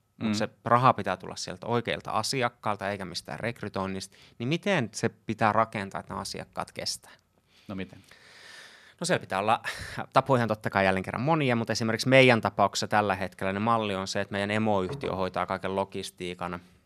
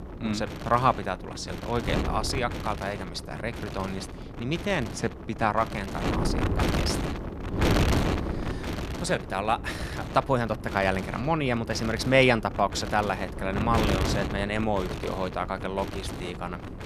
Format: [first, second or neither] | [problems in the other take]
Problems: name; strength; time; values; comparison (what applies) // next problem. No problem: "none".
first | wind noise on the microphone; heavy; 7 dB below the speech